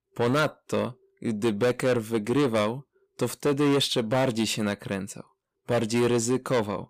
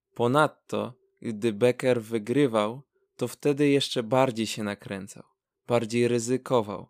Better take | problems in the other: second | distortion; heavy; 7 dB below the speech

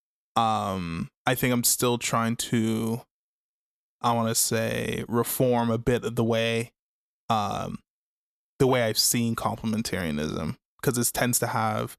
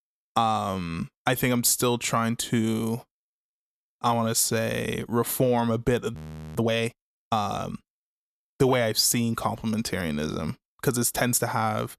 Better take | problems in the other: first | audio freezing; at 6 s

